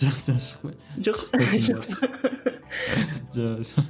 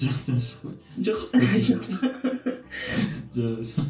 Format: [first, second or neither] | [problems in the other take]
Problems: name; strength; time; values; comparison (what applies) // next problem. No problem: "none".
first | room echo; dies away in 0.2 s